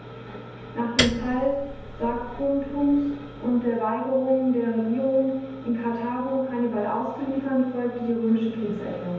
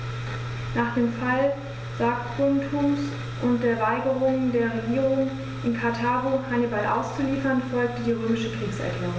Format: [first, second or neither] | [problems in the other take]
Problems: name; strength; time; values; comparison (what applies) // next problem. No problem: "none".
second | background sound (Piano); 7 dB below the speech // room echo; dies away in 0.6 s